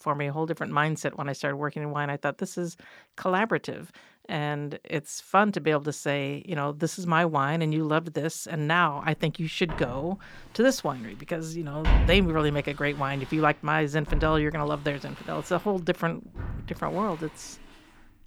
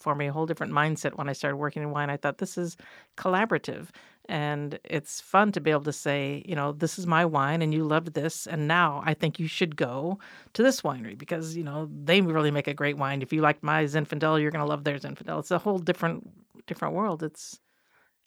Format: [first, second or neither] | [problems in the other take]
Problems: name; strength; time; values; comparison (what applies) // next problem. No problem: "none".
second | footsteps; loud; from 9.5 to 17 s; peak 3 dB above the speech